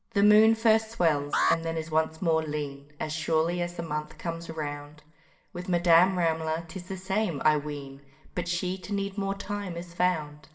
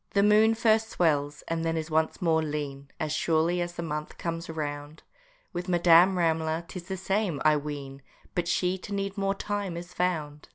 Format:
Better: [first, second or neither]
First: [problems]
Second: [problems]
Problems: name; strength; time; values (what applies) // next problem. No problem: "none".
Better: second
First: background sound (Alarm); 6 dB below the speech // room echo; dies away in 1.2 s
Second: none